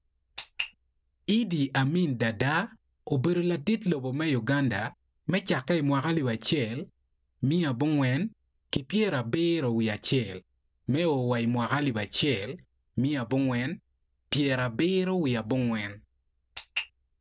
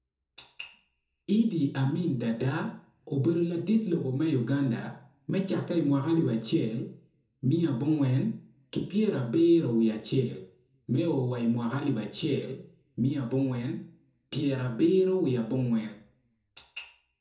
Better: first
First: none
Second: room echo; dies away in 0.5 s

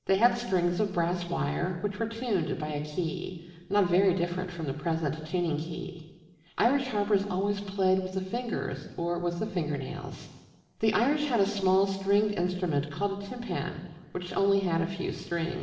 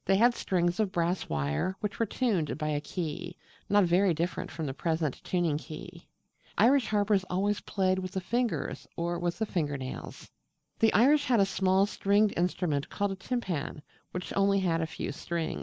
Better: second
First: room echo; dies away in 1.2 s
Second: none

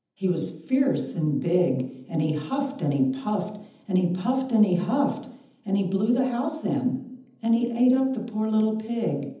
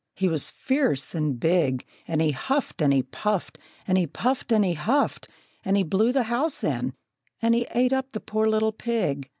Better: second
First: room echo; dies away in 0.8 s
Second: none

